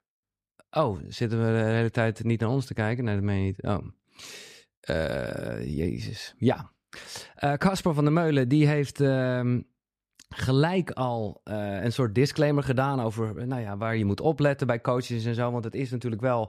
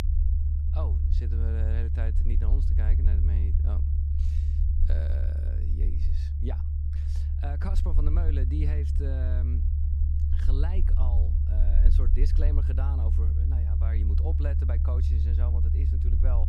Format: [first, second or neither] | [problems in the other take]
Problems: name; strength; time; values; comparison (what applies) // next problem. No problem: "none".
first | low rumble; loud; throughout; as loud as the speech